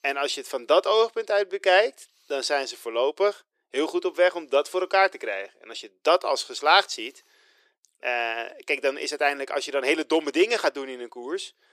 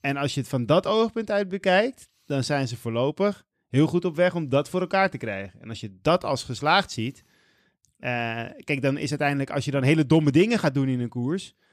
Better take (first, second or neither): second